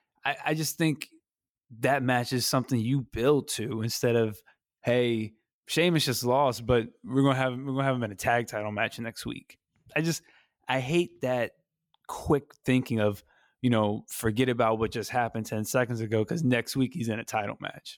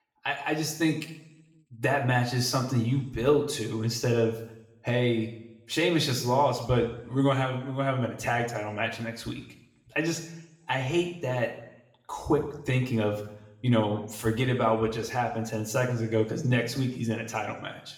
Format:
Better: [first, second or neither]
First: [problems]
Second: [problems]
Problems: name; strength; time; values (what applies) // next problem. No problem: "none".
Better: first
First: none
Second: room echo; slight; dies away in 0.7 s // off-mic speech; somewhat distant